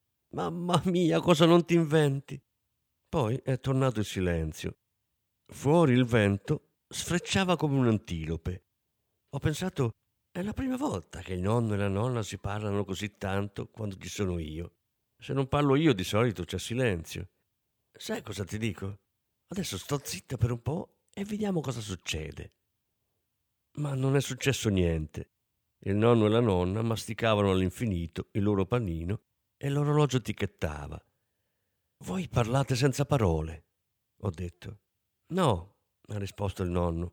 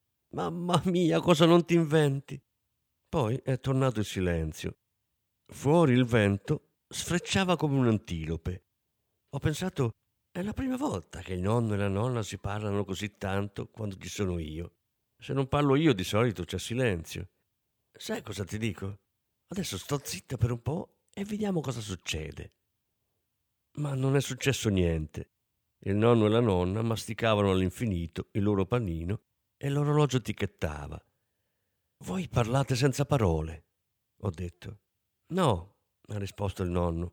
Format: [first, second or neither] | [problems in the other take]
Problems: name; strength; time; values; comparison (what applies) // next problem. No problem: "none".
neither | none